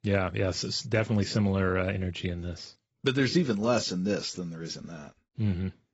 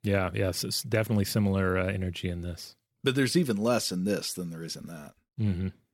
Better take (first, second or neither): second